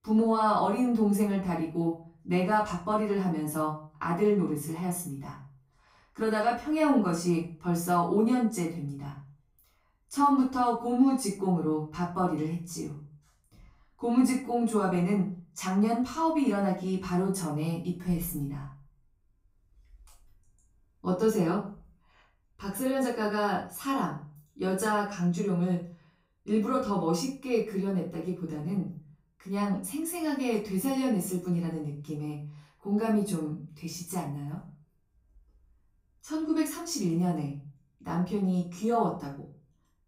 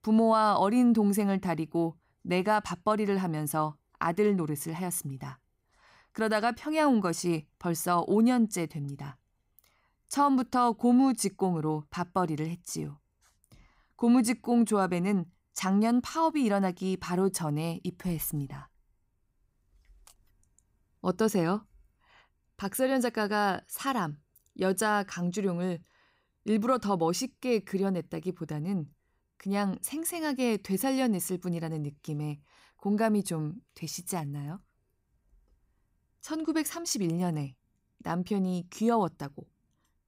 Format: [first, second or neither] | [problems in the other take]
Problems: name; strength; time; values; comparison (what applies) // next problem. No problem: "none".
second | room echo; slight; dies away in 0.3 s // off-mic speech; far